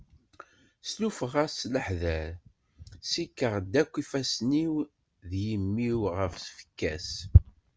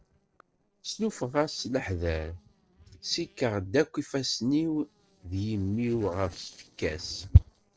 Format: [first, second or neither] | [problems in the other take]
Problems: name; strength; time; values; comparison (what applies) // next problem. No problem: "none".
first | noise reduction (neural separator model SepFormer DNS4)